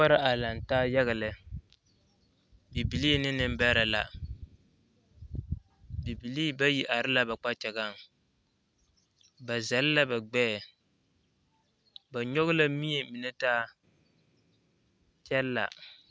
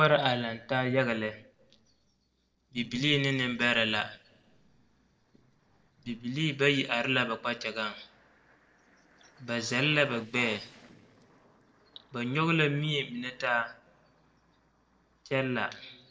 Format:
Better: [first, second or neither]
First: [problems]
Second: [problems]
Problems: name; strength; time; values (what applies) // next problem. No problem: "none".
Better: first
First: none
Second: noise reduction (neural separator model SepFormer DNS4)